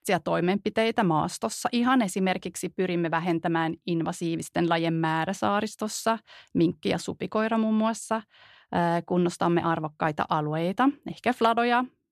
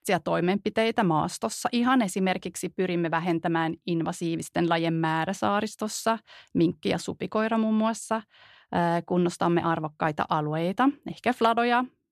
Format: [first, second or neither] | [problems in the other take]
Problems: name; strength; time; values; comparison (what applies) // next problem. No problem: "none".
neither | none